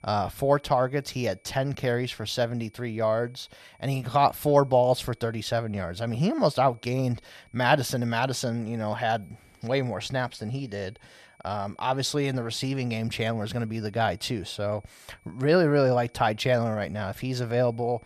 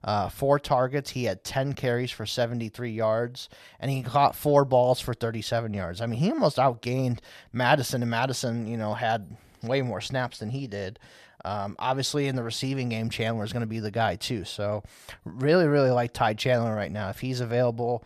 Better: second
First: high-pitched whine; faint; throughout; 2.5 kHz, 35 dB below the speech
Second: none

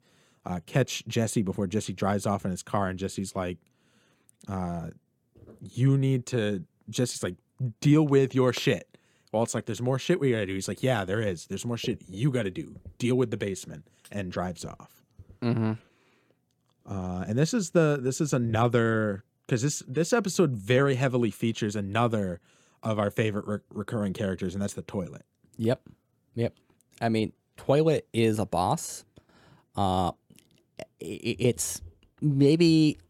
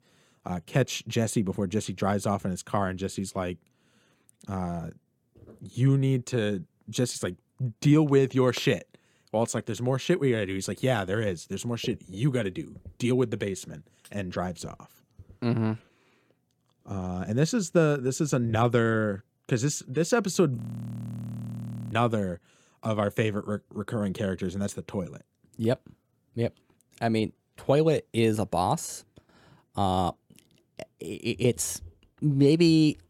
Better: first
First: none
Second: audio freezing; at 21 s for 1.5 s

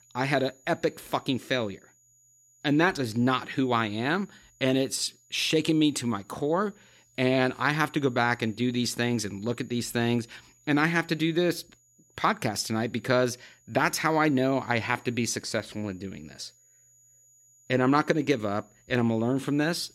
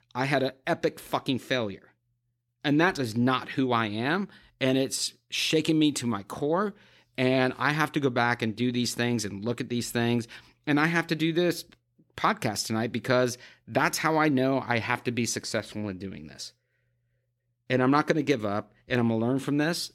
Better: second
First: high-pitched whine; faint; throughout; 7 kHz, 30 dB below the speech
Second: none

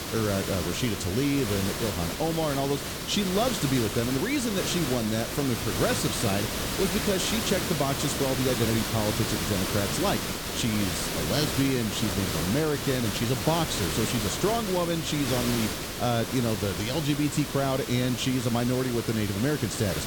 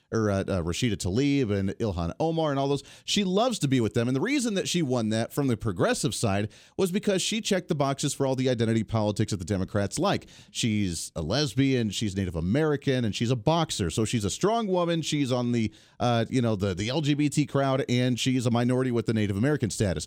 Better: second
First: hiss; loud; throughout; 2 dB below the speech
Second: none

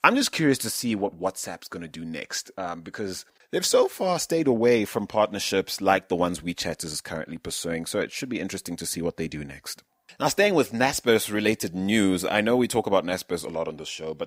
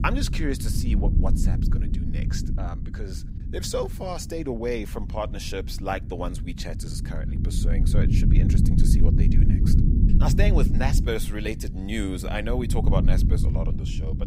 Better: first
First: none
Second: low rumble; loud; throughout; 5 dB below the speech

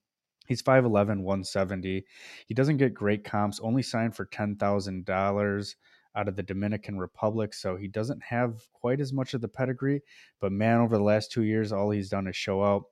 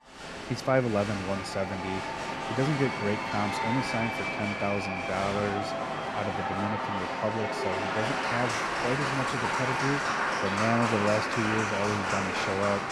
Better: first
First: none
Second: crowd noise; very loud; throughout; 1 dB above the speech

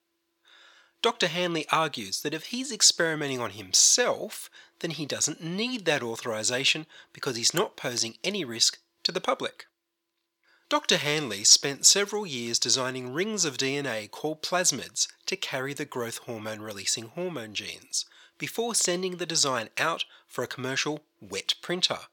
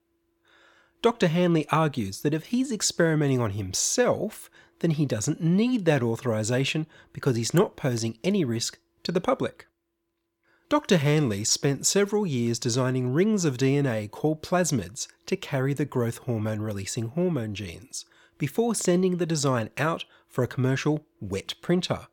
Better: second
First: thin; somewhat; fading below 850 Hz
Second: none

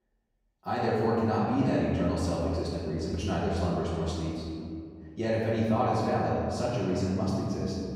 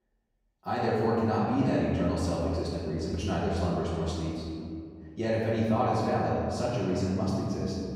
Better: neither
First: off-mic speech; far // room echo; strong; dies away in 2.3 s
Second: off-mic speech; far // room echo; strong; dies away in 2.3 s

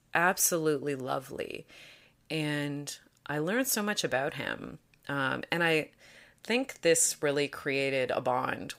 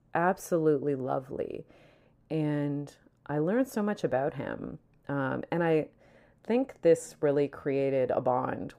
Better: first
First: none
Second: muffled; very; fading above 1.5 kHz

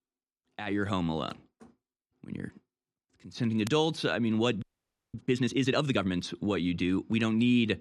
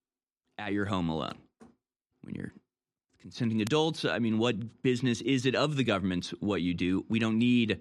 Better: second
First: audio freezing; at 4.5 s for 0.5 s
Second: none

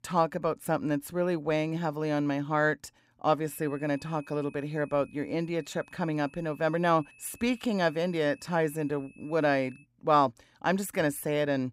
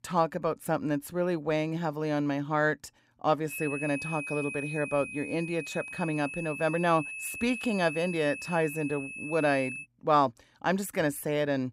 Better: first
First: high-pitched whine; faint; from 3.5 to 10 s; 2.5 kHz, 25 dB below the speech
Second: high-pitched whine; loud; from 3.5 to 10 s; 2.5 kHz, 7 dB below the speech

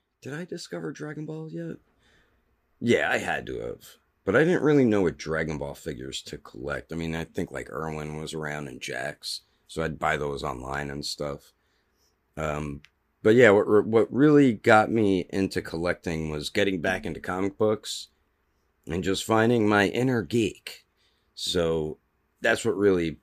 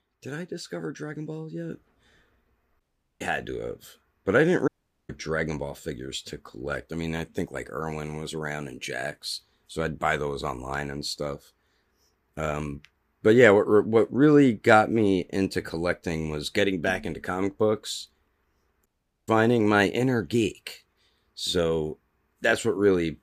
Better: first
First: none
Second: audio cutting out; at 3 s, at 4.5 s and at 19 s

